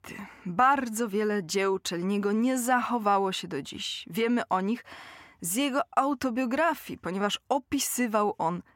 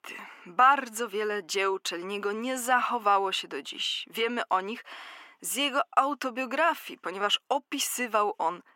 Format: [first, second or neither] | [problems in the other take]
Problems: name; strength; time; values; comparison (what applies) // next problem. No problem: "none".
first | thin; somewhat; fading below 300 Hz